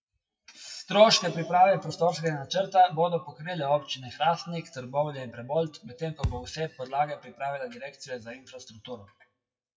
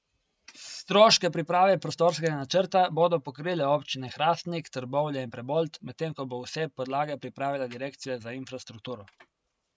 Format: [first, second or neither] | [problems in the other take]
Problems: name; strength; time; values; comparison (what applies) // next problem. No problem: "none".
second | noise reduction (classical method WPE with log-MMSE)